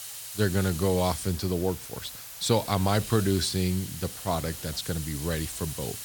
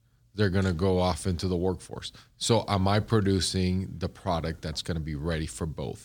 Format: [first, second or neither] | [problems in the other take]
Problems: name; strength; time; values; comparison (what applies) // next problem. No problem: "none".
second | hiss; loud; throughout; 9 dB below the speech